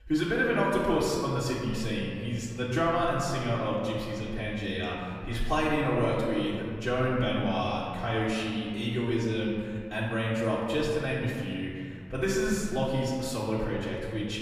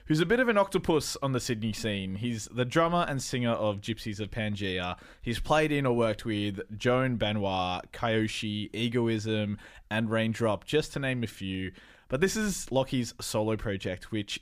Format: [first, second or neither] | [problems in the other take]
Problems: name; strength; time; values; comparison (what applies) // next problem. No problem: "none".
second | off-mic speech; far // room echo; noticeable; dies away in 2 s